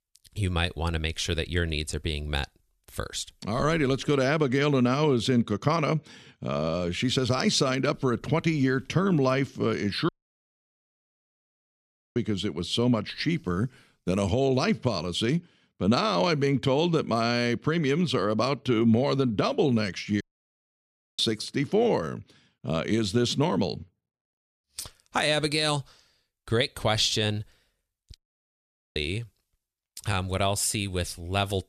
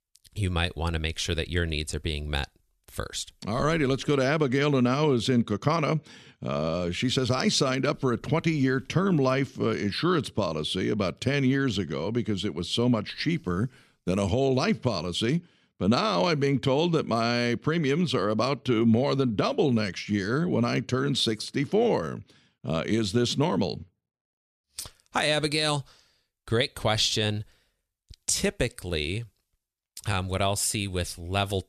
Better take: second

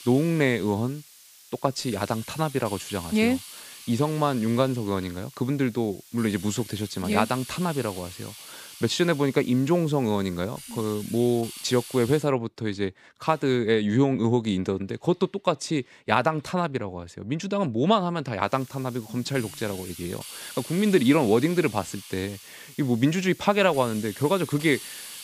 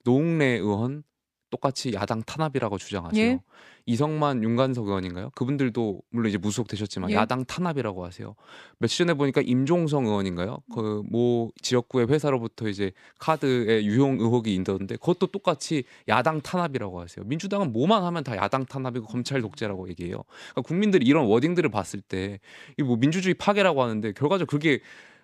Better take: second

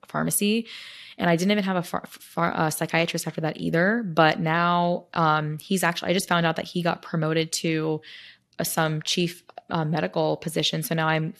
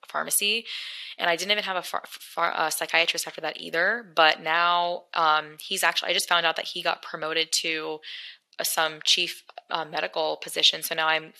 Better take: first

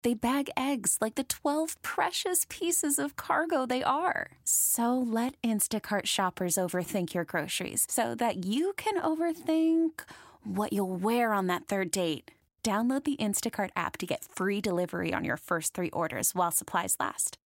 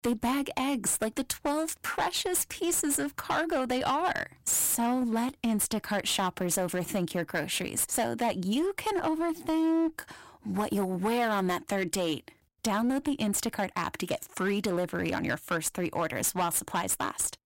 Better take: first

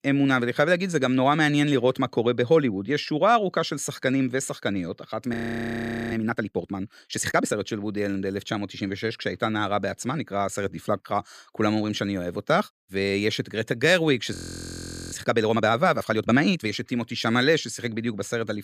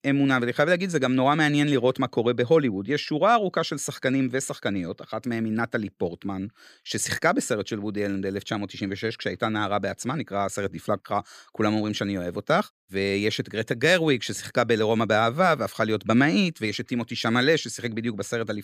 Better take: second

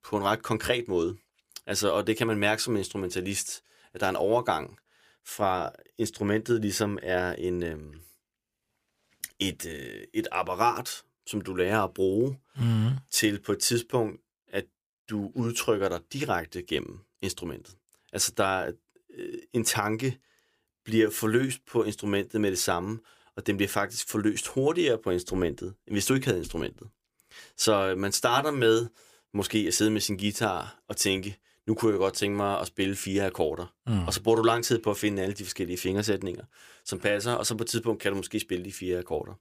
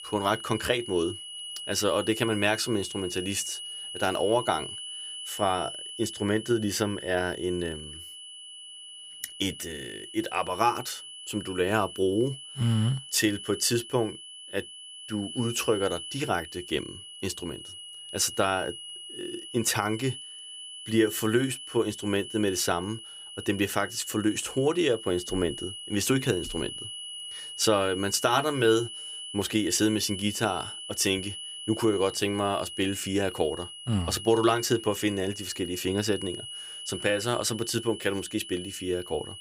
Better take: first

